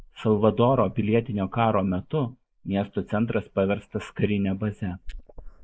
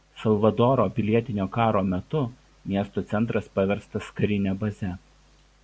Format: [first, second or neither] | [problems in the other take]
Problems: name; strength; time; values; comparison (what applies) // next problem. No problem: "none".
second | noise reduction (neural mask model Resemble Enhance denoiser)